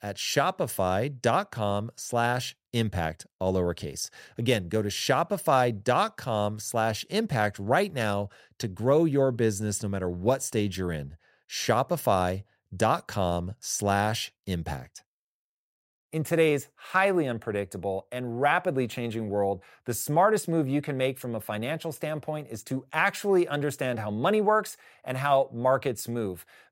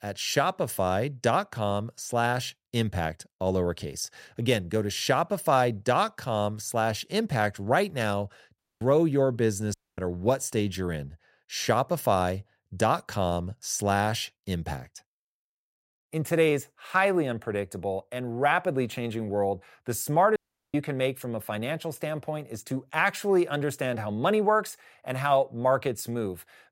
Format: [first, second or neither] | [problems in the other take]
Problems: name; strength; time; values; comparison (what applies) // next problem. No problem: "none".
first | audio cutting out; at 8.5 s, at 9.5 s and at 20 s